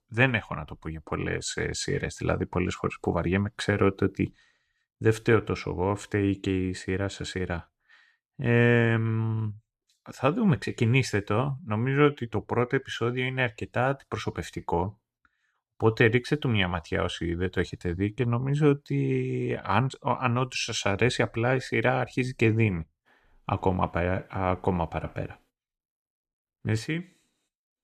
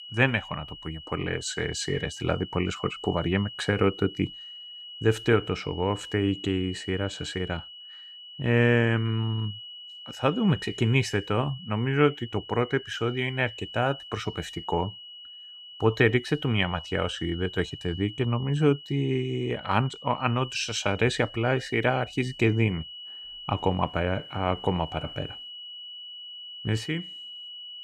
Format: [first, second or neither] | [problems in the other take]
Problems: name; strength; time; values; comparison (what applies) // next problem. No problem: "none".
first | high-pitched whine; noticeable; throughout; 3 kHz, 15 dB below the speech